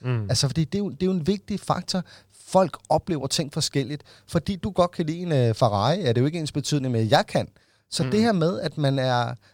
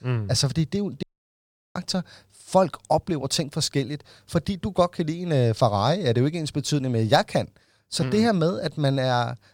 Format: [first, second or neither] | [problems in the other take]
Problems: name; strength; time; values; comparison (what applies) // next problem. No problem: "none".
first | audio cutting out; at 1 s for 0.5 s